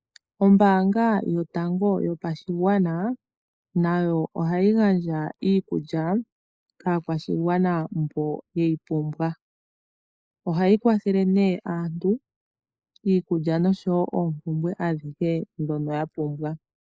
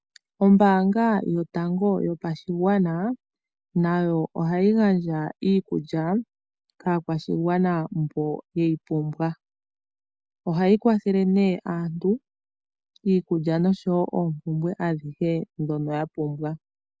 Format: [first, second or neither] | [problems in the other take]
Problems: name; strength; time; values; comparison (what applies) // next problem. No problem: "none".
second | noise reduction (neural mask model Resemble Enhance denoiser)